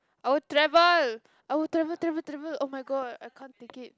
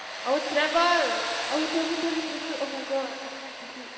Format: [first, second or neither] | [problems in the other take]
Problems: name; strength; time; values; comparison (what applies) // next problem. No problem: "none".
first | background sound (Tools); 6 dB below the speech // room echo; dies away in 2.4 s